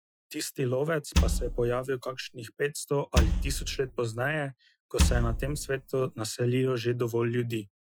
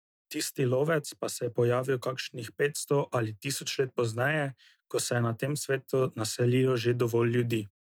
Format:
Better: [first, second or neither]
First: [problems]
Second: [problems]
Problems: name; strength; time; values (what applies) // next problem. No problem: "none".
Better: second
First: noise reduction (classical method Wiener filter)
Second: none